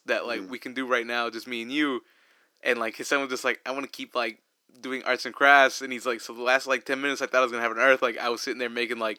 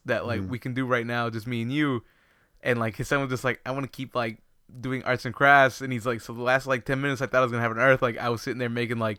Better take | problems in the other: second | thin; very slightly; fading below 300 Hz

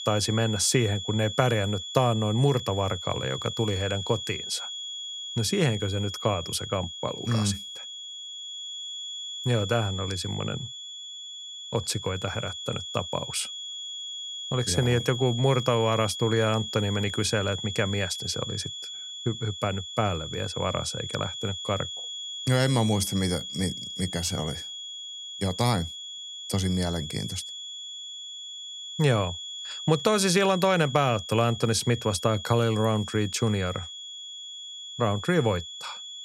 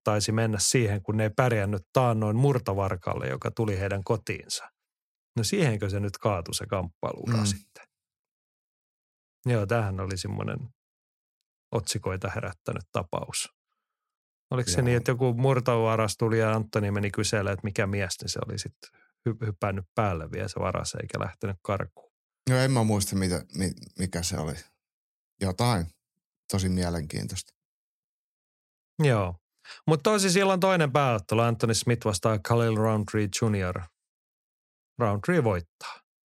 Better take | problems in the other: second | high-pitched whine; loud; throughout; 3.5 kHz, 8 dB below the speech

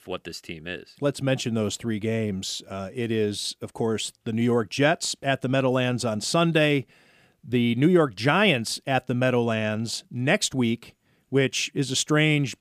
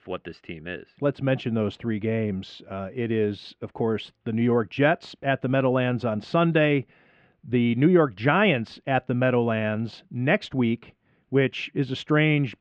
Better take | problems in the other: first | muffled; very; fading above 2.5 kHz

